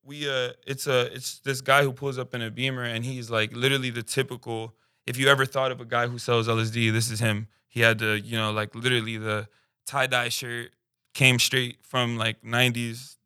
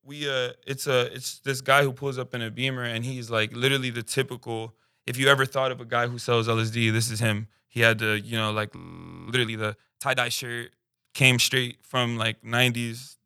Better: first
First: none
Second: audio freezing; at 9 s for 0.5 s

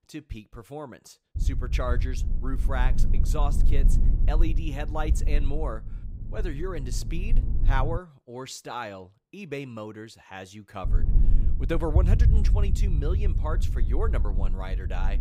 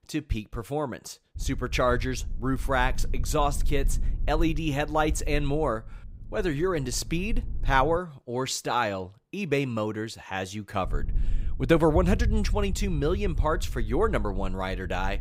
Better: second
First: low rumble; loud; from 1.5 to 8 s and from 11 s on; 9 dB below the speech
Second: low rumble; faint; from 1.5 to 8 s and from 11 s on; 25 dB below the speech

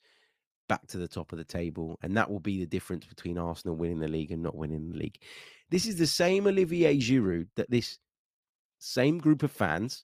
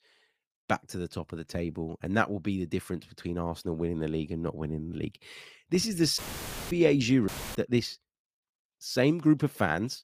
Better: first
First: none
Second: audio cutting out; filled with static; at 6 s for 0.5 s and at 7.5 s

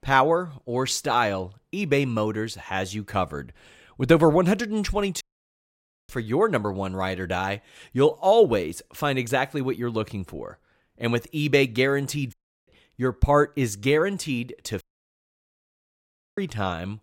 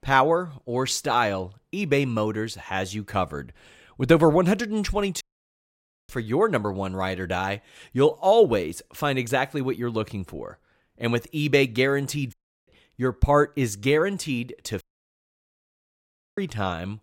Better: neither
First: audio cutting out; at 5 s for 1 s, at 12 s and at 15 s for 1.5 s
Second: audio cutting out; at 5 s for 1 s, at 12 s and at 15 s for 1.5 s

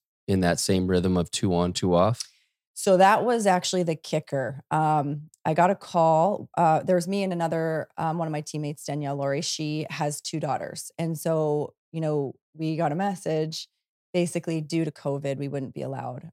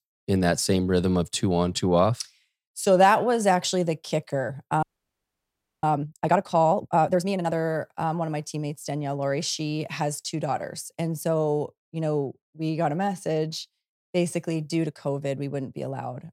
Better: first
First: none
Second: audio freezing; at 5 s for 1 s

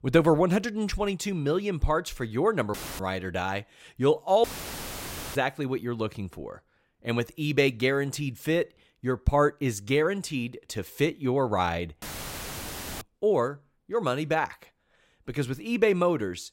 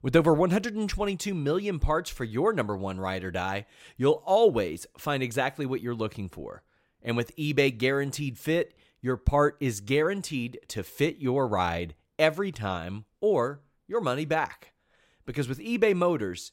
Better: second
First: audio cutting out; filled with static; at 2.5 s, at 4.5 s for 1 s and at 12 s for 1 s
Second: none

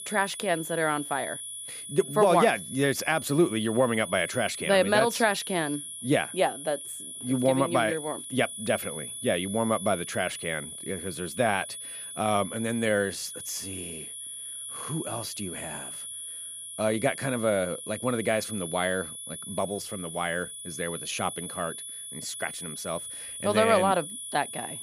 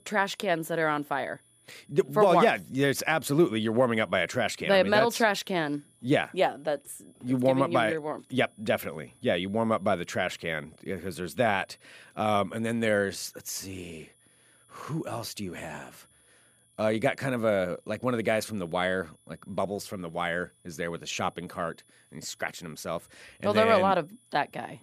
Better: second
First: high-pitched whine; loud; throughout; 10 kHz, 8 dB below the speech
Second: high-pitched whine; faint; throughout; 10 kHz, 35 dB below the speech

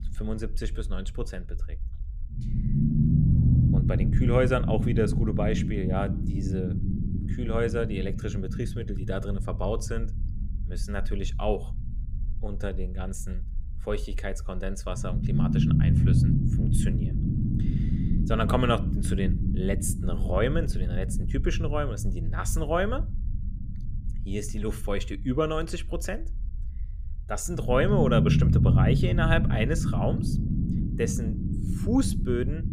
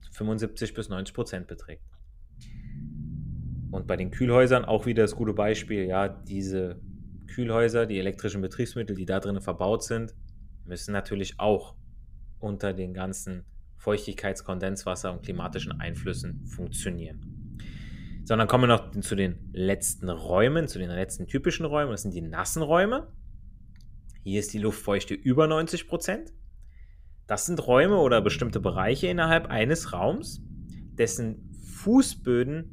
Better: second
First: low rumble; loud; throughout; 5 dB below the speech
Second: low rumble; faint; throughout; 25 dB below the speech

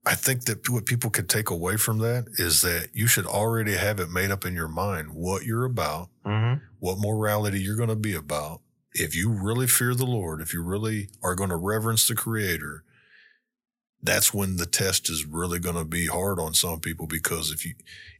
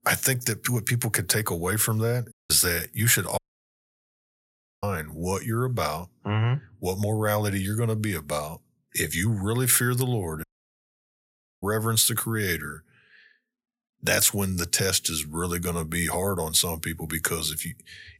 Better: first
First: none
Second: audio cutting out; at 2.5 s, at 3.5 s for 1.5 s and at 10 s for 1 s

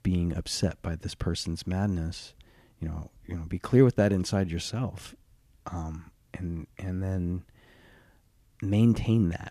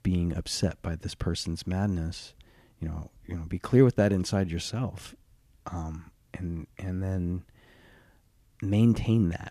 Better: neither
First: none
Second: none

